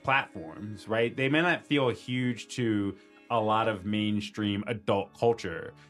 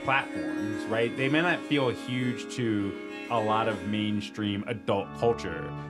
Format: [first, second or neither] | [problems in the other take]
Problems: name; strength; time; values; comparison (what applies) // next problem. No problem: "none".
first | background music; loud; throughout; 9 dB below the speech; faint in the first